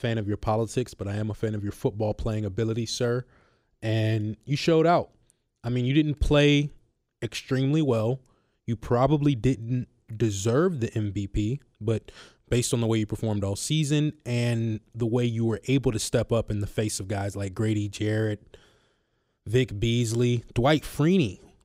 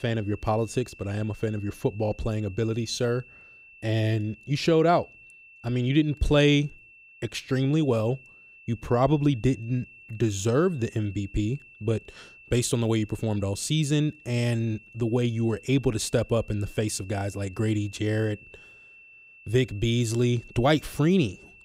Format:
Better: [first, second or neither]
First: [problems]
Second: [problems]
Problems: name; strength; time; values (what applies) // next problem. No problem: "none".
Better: first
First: none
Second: high-pitched whine; faint; throughout; 2.5 kHz, 20 dB below the speech